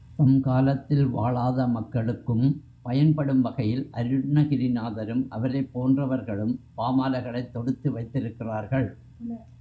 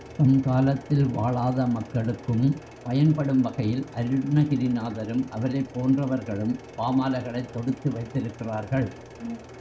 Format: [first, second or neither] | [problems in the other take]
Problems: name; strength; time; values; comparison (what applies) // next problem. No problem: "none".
first | background sound (Mechanisms); 19 dB below the speech